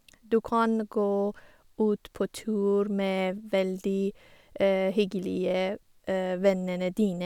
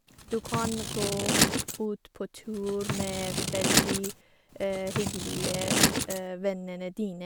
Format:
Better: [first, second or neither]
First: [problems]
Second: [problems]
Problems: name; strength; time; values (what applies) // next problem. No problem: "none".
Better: first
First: none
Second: background sound (Scissors); 5 dB above the speech